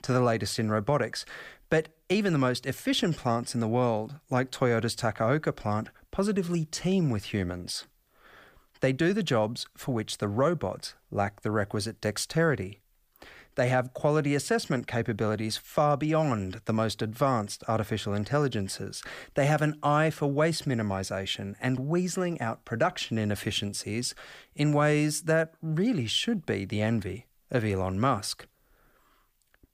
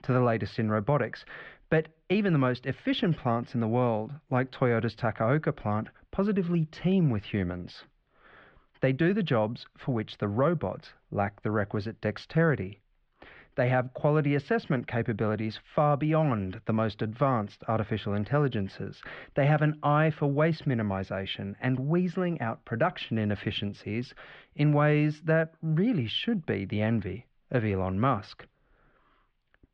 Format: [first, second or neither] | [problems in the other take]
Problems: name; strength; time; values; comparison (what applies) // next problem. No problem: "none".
first | muffled; slightly; fading above 3 kHz